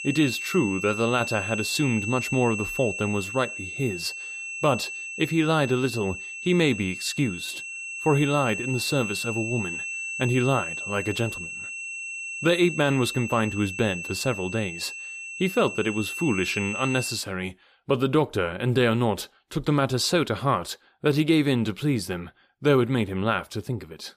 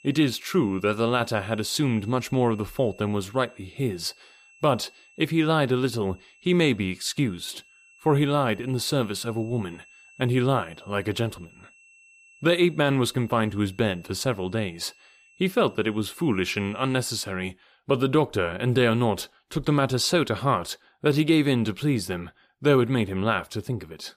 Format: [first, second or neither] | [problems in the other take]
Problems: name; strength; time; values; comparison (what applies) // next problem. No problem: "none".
second | high-pitched whine; loud; until 17 s; 2.5 kHz, 6 dB below the speech; faint in the second